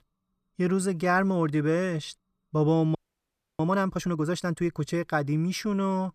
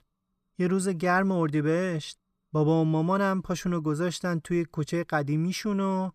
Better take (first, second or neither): second